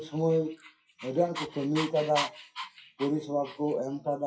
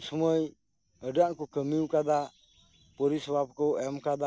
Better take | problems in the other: second | noise reduction (classical method WPE with log-MMSE)

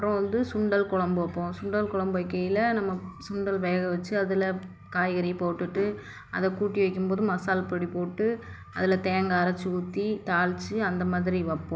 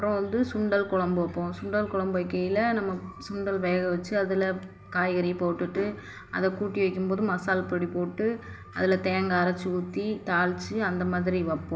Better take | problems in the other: first | room echo; dies away in 2.2 s

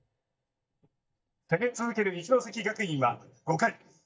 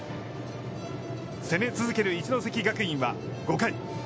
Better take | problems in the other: second | noise reduction (neural mask model DeepFilterNet 3)

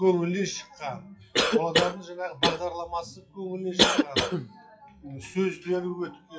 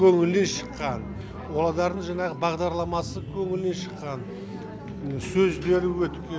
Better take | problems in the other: second | noise reduction (classical method WPE with log-MMSE)

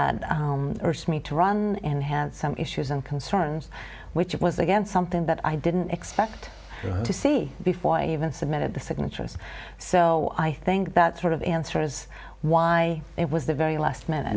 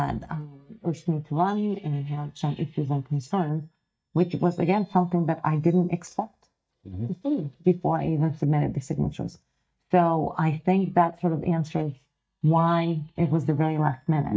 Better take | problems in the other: first | noise reduction (neural mask model DeepFilterNet 3)

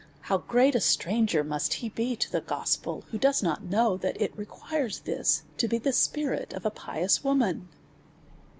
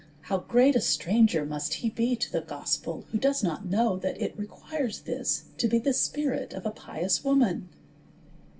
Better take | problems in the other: first | room echo; dies away in 0.2 s

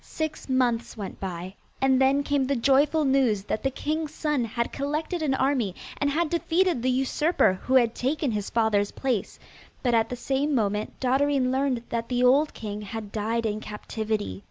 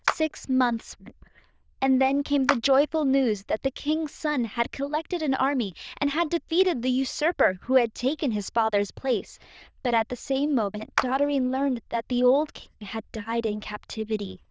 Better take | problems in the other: first | noise reduction (neural diffusion model UNIVERSE++)

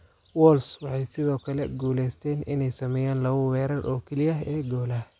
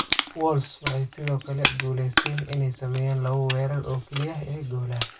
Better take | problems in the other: first | background sound (Crushing); 5 dB below the speech // room echo; dies away in 0.1 s

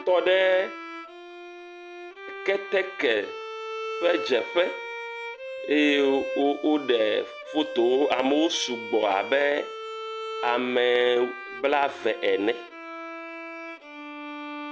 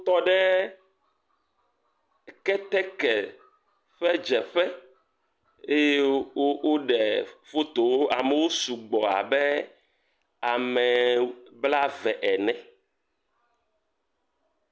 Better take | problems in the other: second | background sound (Bowed string instrument); 10 dB below the speech

